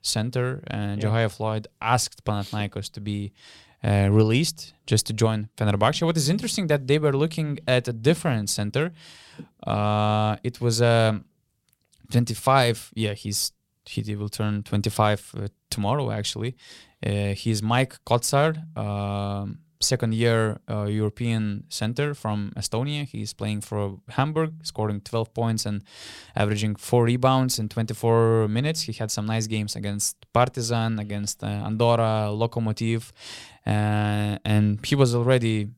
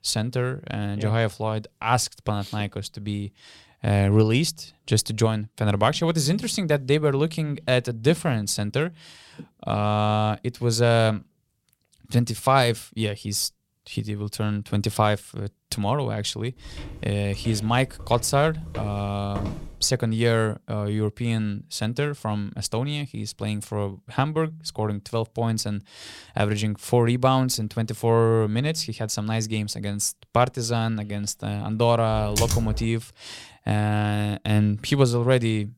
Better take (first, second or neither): first